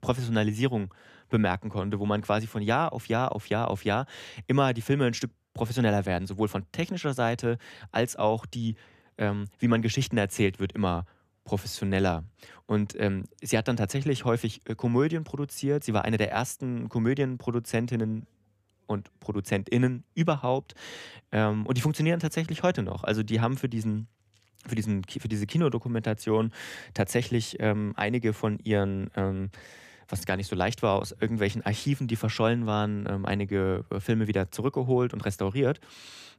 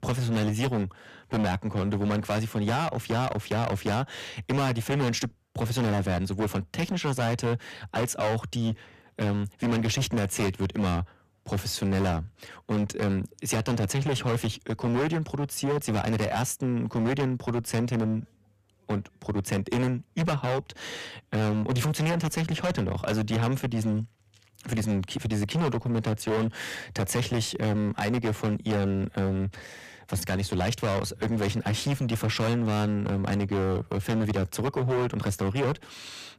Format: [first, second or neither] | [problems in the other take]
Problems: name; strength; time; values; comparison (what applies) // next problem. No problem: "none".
first | distortion; heavy; 21% of the sound clipped